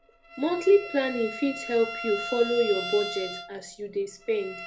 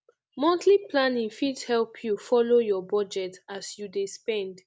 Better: second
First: background sound (Bowed string instrument); 10 dB below the speech // room echo; dies away in 0.3 s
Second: none

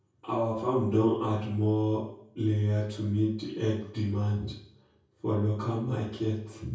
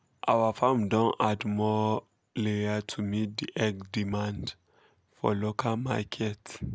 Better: second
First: room echo; dies away in 0.6 s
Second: none

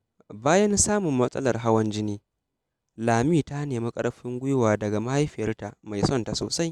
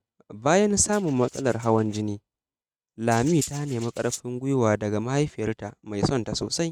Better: first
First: none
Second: noise reduction (neural mask model RNNoise)

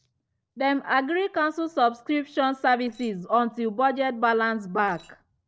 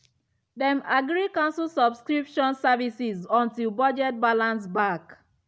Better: second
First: noise reduction (neural separator model SepFormer DNS4)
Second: none

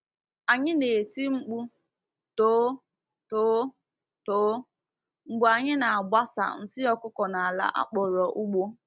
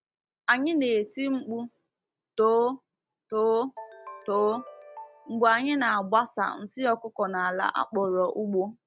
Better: first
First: none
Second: background sound (Ringtone); 18 dB below the speech

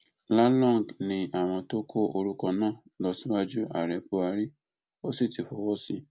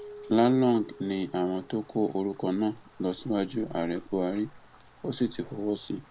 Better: first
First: none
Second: background sound (Rain + Keyboard (musical)); 20 dB below the speech

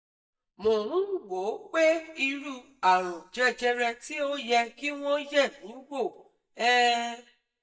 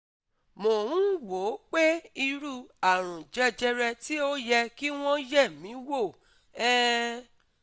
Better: second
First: noise reduction (neural mask model DeepFilterNet 3)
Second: none

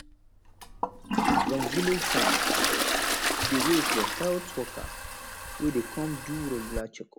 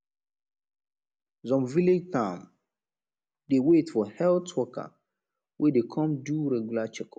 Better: second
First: background sound (Toilet flush); 3 dB above the speech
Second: none

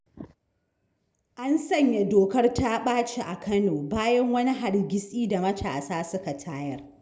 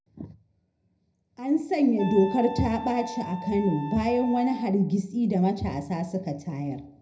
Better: first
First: none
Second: background sound (Wind instrument, woodwind instrument); 12 dB below the speech // room echo; dies away in 0.4 s

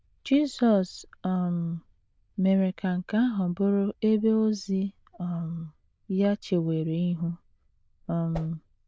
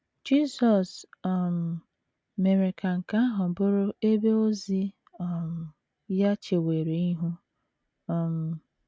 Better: second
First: noise reduction (neural diffusion model UNIVERSE++)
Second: none

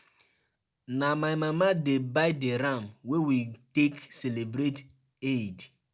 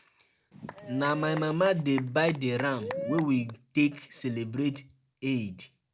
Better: first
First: none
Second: background sound (Applause / Cheering / Clapping); 10 dB below the speech

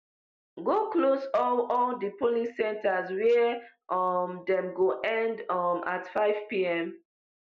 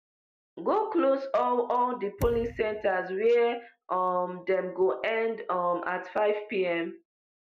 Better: first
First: none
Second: background sound (Thump, thud); 11 dB below the speech

